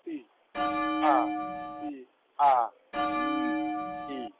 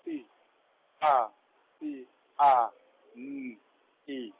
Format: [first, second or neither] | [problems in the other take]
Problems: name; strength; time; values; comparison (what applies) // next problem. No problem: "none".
second | background sound (Bell); 1 dB above the speech